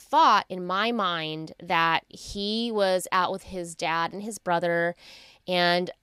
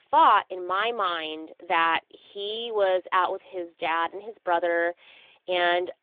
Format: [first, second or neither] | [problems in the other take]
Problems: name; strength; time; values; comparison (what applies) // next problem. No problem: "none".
first | phone-call audio